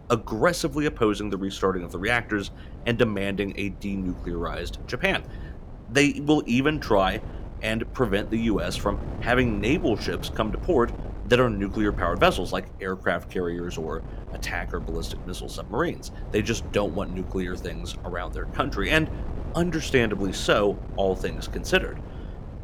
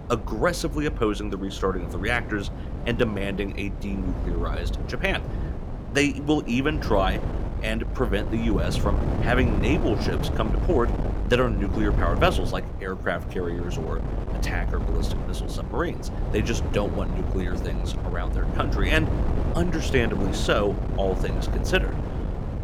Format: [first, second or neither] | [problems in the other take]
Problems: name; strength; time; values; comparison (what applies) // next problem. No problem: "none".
first | wind noise on the microphone; heavy; 9 dB below the speech; occasional gusts in the first